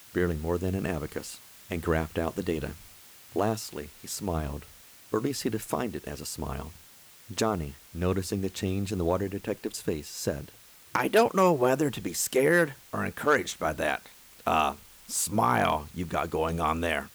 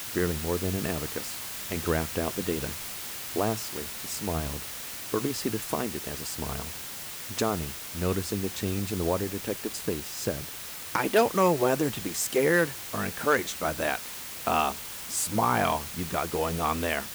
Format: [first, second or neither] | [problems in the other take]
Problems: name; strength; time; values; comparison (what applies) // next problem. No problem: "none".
first | hiss; loud; throughout; 6 dB below the speech; faint in the first